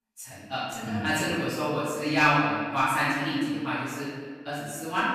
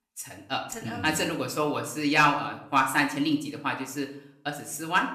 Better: second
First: room echo; strong; dies away in 1.5 s // off-mic speech; far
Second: room echo; slight; dies away in 0.5 s

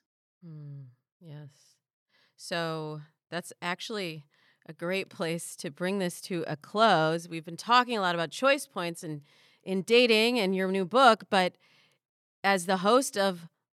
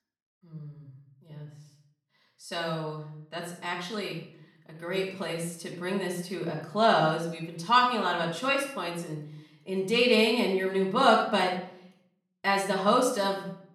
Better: first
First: none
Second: off-mic speech; far // room echo; noticeable; dies away in 0.5 s

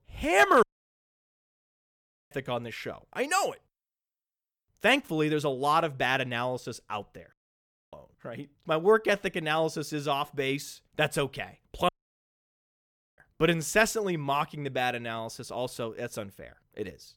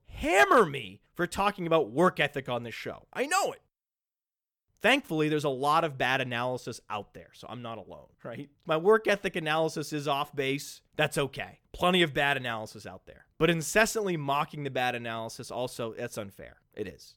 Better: second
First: audio cutting out; at 0.5 s for 1.5 s, at 7.5 s for 0.5 s and at 12 s for 1.5 s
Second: none

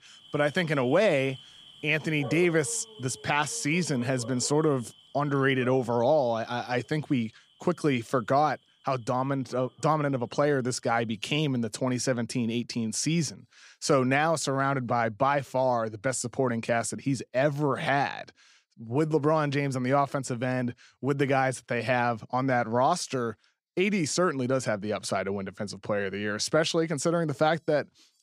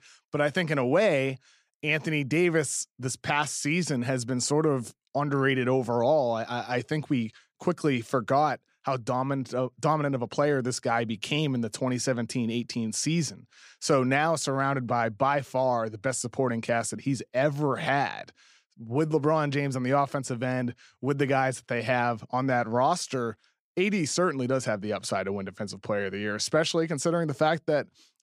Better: second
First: animal sounds; faint; throughout; 20 dB below the speech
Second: none

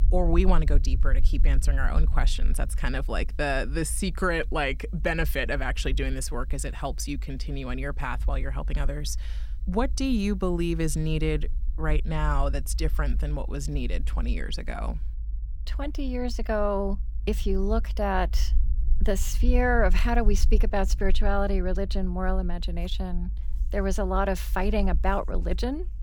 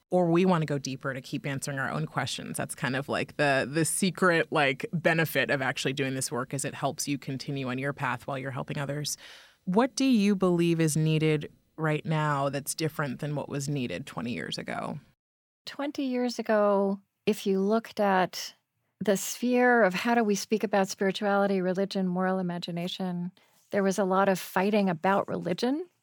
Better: second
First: low rumble; faint; throughout; 20 dB below the speech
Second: none

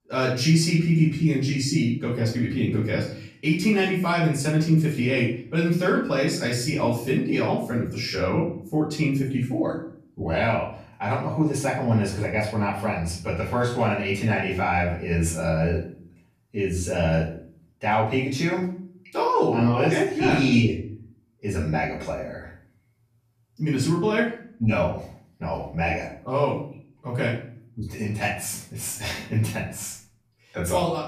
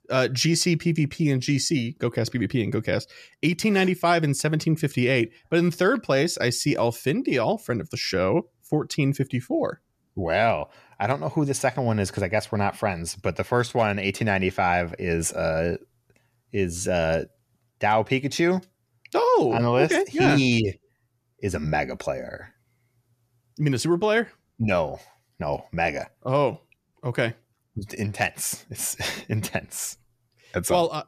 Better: second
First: off-mic speech; far // room echo; noticeable; dies away in 0.5 s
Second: none

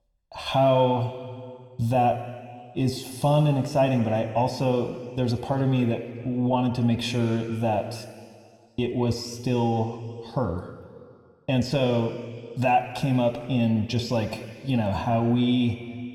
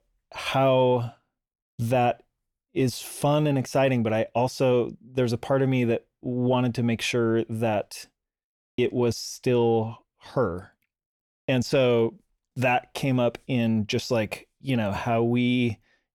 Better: second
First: room echo; slight; dies away in 1.9 s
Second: none

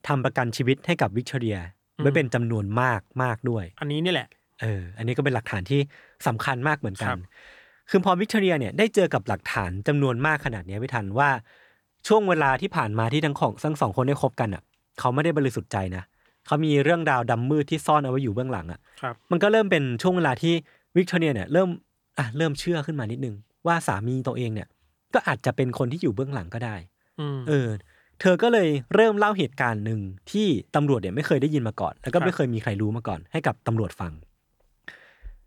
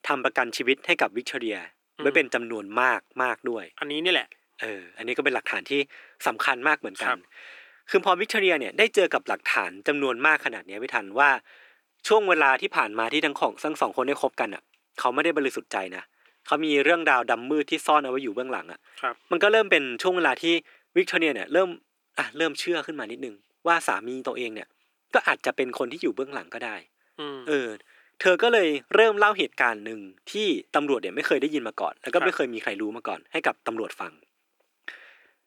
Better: first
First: none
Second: thin; somewhat; fading below 300 Hz

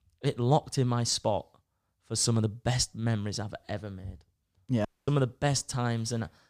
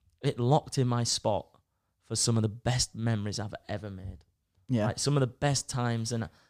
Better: second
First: audio cutting out; at 5 s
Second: none

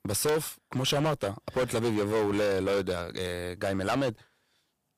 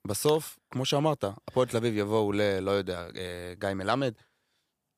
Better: second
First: distortion; heavy; 14% of the sound clipped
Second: none

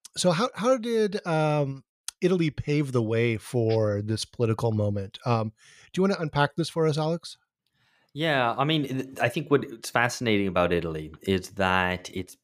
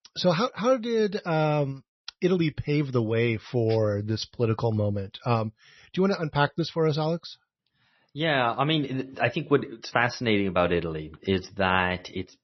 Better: first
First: none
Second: garbled, watery; slightly; nothing above 6 kHz

